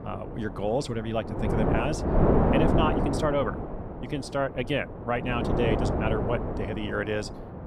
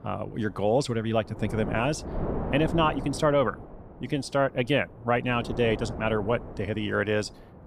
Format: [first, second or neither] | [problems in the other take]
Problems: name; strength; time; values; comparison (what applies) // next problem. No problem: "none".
second | wind noise on the microphone; heavy; as loud as the speech; occasional gusts in the second